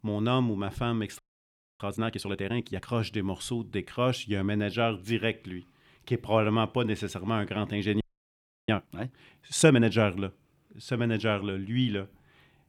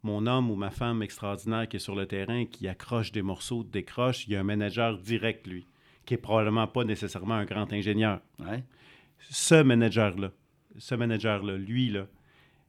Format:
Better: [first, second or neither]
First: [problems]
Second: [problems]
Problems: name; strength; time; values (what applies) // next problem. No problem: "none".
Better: second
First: audio freezing; at 1 s for 0.5 s and at 8 s for 0.5 s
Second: none